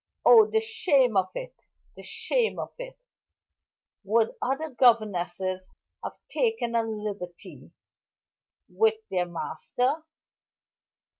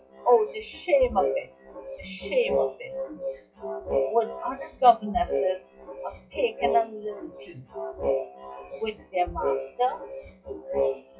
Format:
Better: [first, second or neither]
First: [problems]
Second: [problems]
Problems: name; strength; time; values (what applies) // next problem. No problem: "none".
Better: first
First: none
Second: noise reduction (classical method WPE with log-MMSE)